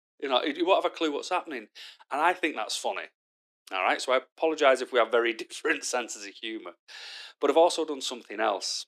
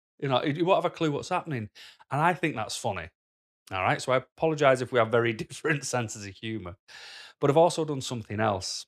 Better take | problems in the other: second | thin; somewhat; fading below 300 Hz

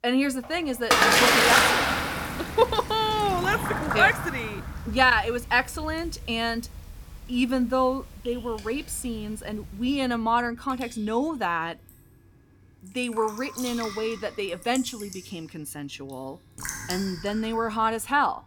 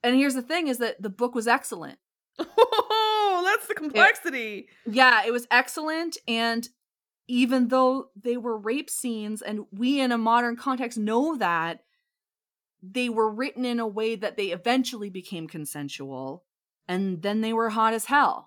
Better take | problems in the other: second | rain or running water; very loud; throughout; 2 dB above the speech

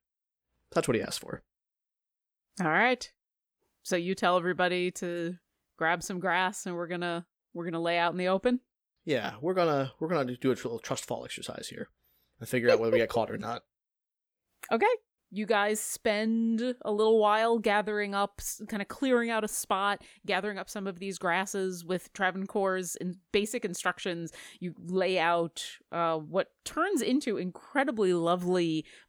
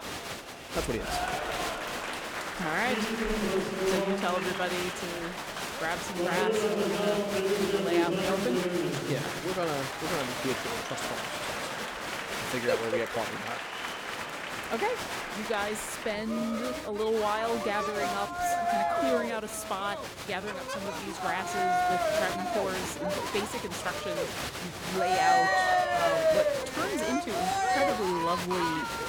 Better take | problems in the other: first | crowd noise; very loud; throughout; 3 dB above the speech

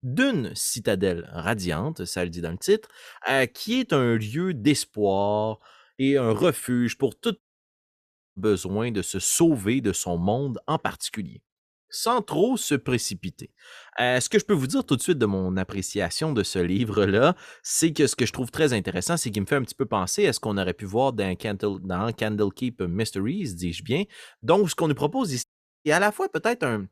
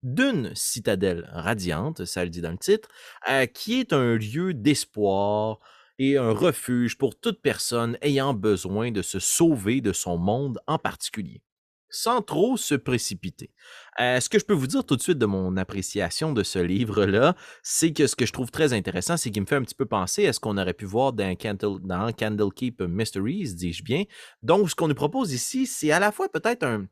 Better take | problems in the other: second | audio cutting out; at 7.5 s for 1 s and at 25 s

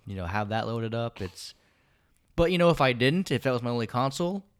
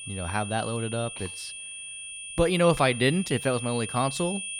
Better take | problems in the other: first | high-pitched whine; loud; throughout; 2.5 kHz, 9 dB below the speech

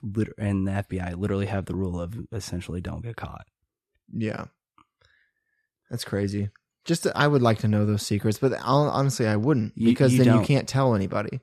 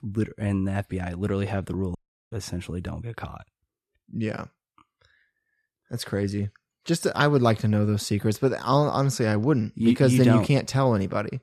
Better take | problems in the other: first | audio cutting out; at 2 s

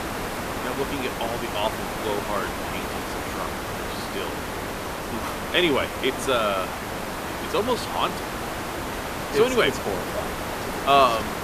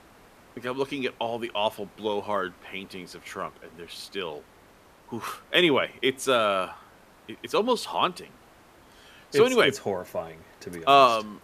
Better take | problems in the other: second | hiss; loud; throughout; 4 dB below the speech; faint in the second

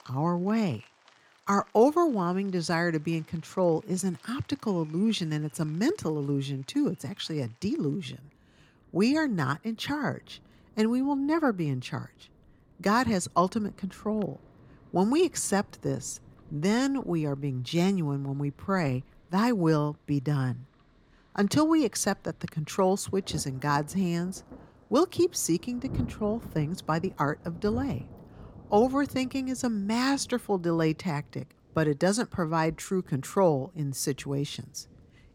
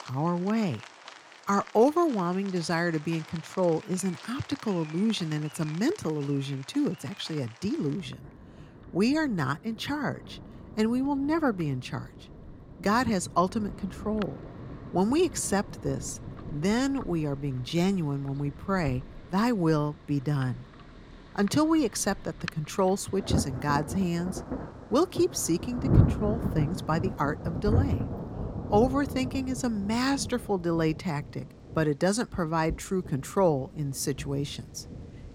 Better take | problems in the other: first | rain or running water; loud; throughout; 8 dB below the speech; faint in the first

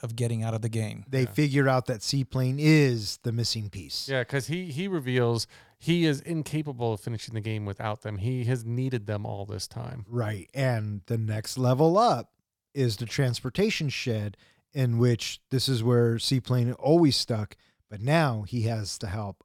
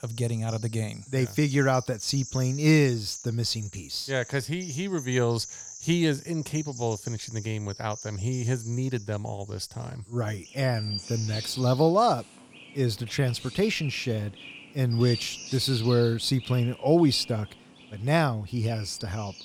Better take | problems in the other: first | animal sounds; noticeable; throughout; 15 dB below the speech

